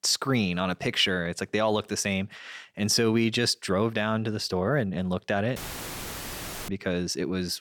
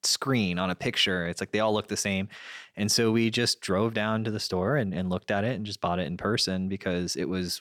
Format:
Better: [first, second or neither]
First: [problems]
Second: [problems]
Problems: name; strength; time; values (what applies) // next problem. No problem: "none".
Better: second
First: audio cutting out; filled with static; at 5.5 s for 1 s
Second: none